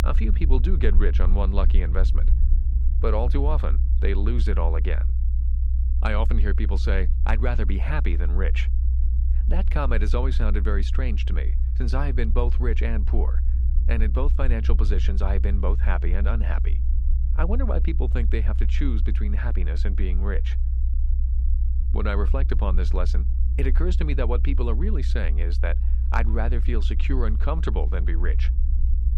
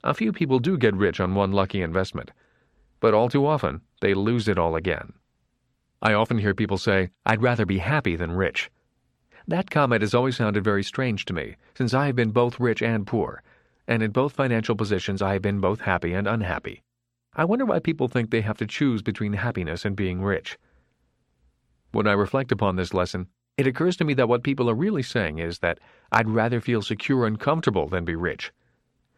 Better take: second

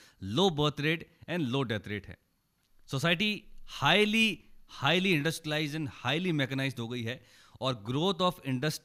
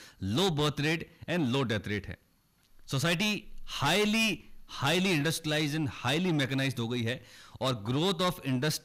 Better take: first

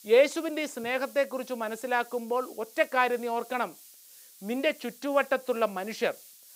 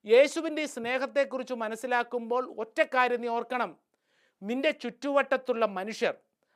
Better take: second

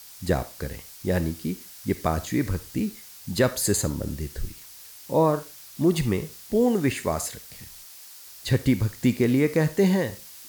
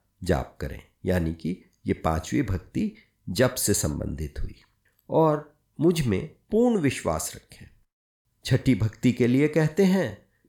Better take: second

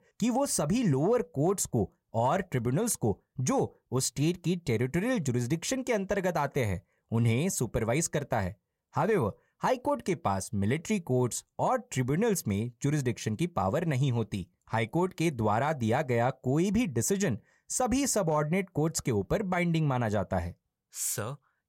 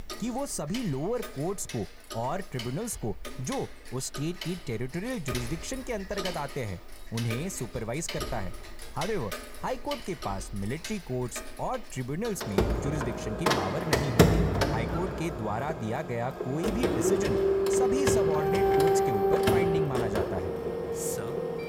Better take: first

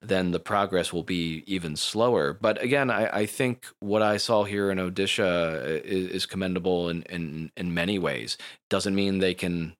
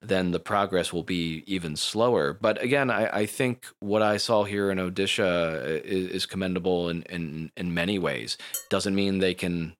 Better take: first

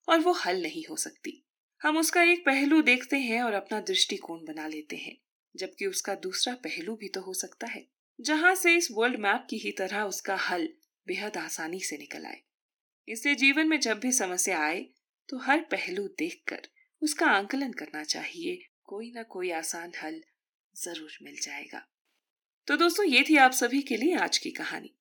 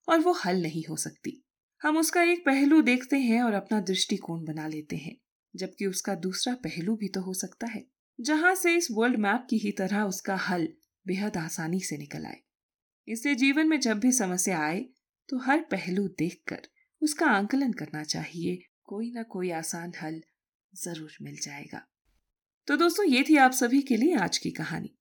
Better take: second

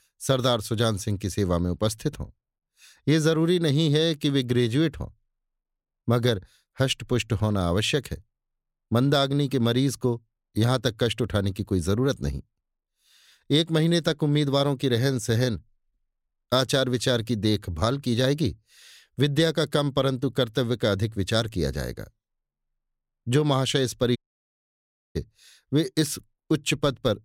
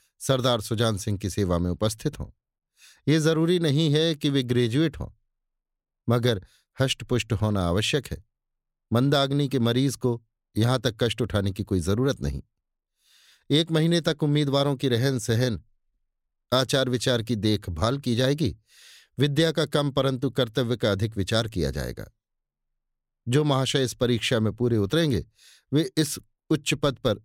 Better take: second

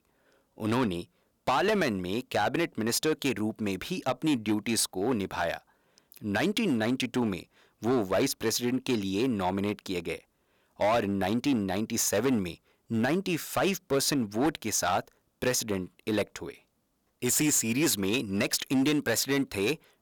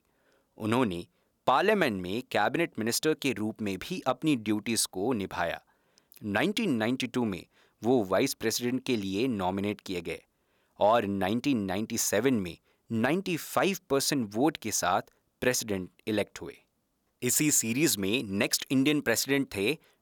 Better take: second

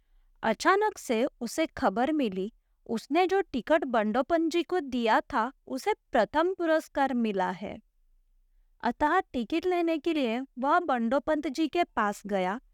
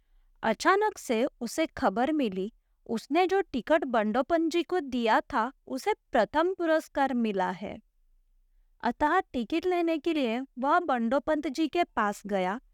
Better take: neither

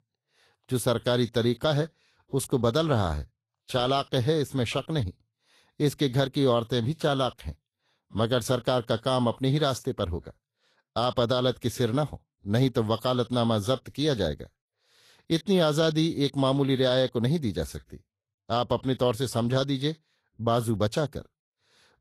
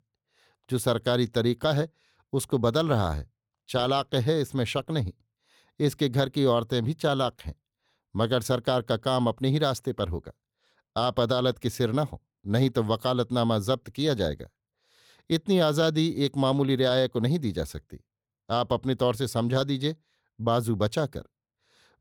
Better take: second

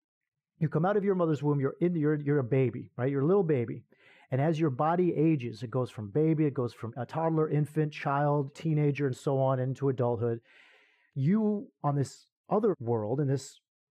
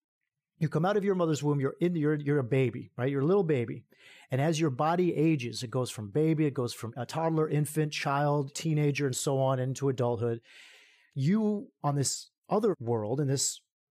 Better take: second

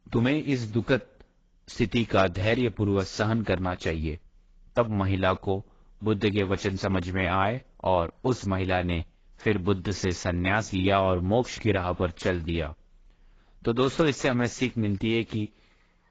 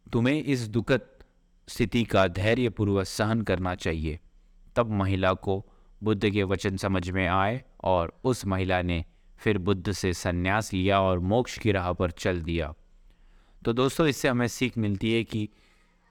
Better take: second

